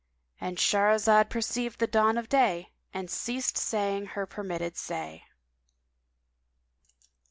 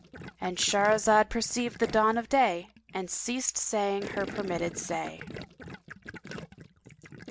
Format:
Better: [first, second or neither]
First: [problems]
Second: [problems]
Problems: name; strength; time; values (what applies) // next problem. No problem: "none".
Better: first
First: none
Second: background sound (Gurgling); 14 dB below the speech